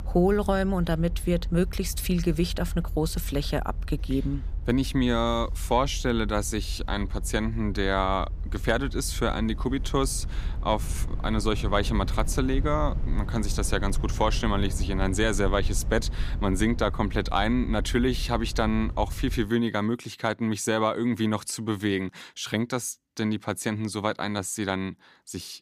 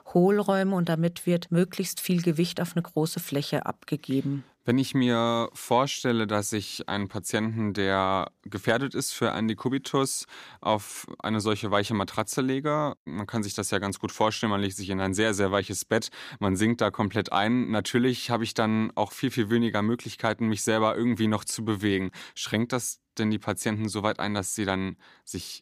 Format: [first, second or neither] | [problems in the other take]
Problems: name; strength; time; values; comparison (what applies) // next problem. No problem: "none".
second | low rumble; faint; until 19 s; 20 dB below the speech